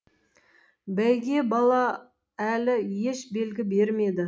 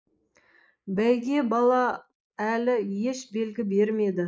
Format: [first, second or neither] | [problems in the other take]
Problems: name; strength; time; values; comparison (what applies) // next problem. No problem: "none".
first | noise reduction (neural mask model Resemble Enhance denoiser)